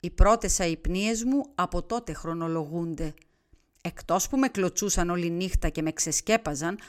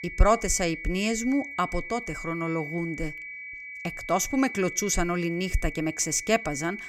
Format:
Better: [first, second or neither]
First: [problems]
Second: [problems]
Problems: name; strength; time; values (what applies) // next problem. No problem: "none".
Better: first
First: none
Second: high-pitched whine; loud; throughout; 2.5 kHz, 9 dB below the speech